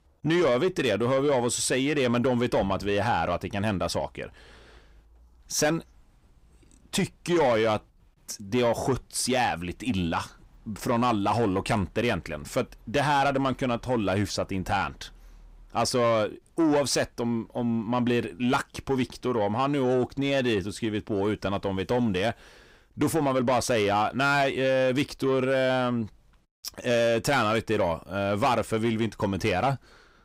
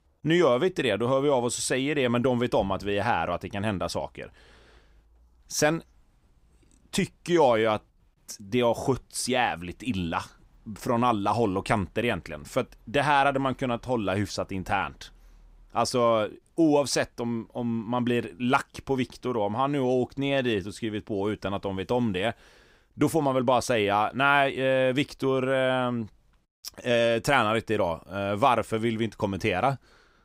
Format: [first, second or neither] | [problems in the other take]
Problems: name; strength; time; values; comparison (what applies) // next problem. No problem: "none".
second | distortion; slight; 10 dB below the speech